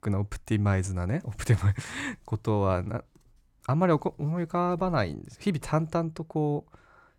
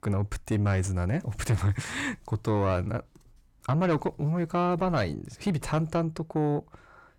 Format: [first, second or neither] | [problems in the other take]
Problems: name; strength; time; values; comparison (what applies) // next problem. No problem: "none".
first | distortion; slight; 10 dB below the speech